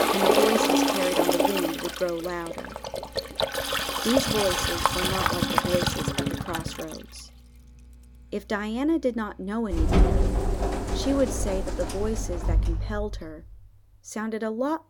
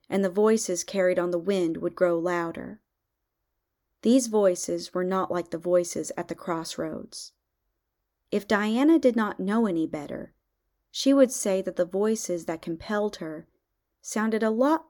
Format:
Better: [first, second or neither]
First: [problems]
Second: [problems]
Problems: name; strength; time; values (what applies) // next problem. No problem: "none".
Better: second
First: household noises; very loud; throughout; 4 dB above the speech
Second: none